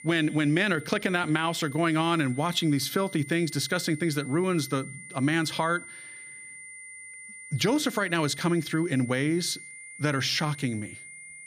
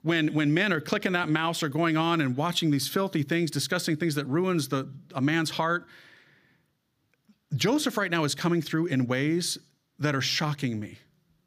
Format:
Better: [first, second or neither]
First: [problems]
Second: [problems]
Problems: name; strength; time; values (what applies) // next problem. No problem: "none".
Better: second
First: high-pitched whine; noticeable; throughout; 2 kHz, 15 dB below the speech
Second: none